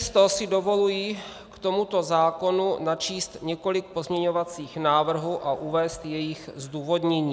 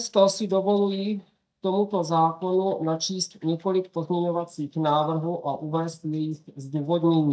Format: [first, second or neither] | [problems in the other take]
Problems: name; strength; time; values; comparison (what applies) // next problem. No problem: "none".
first | noise reduction (neural mask model DeepFilterNet 3)